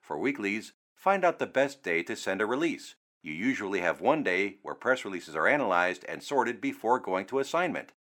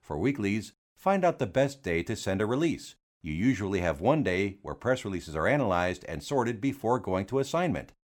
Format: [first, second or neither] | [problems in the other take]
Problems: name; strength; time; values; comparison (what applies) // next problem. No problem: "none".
second | thin; very slightly; fading below 300 Hz